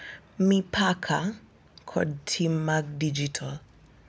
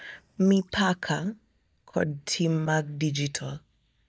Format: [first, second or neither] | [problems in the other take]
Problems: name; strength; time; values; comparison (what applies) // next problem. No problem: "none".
first | noise reduction (neural mask model DeepFilterNet 3)